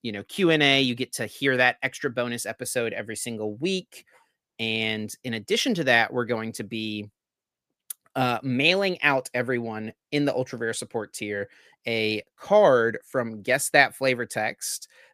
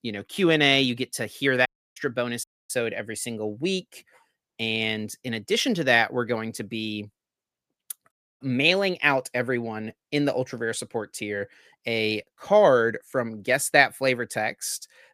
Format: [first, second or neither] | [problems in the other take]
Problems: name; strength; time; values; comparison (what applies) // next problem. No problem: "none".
first | audio cutting out; at 1.5 s, at 2.5 s and at 8 s